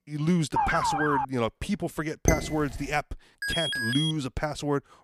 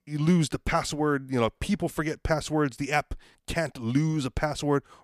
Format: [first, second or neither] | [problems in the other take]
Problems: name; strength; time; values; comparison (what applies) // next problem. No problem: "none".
second | siren; loud; at 0.5 s; peak 3 dB above the speech // clattering dishes; loud; at 2.5 s; peak 2 dB above the speech // alarm; loud; at 3.5 s; peak 2 dB above the speech